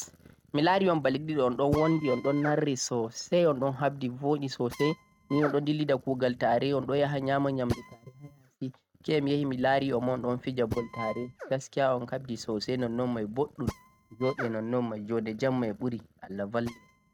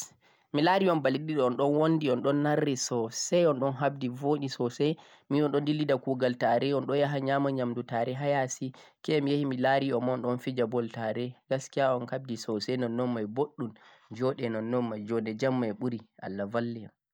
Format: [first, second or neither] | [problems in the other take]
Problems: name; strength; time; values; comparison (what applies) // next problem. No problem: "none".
second | noise reduction (neural mask model RNNoise)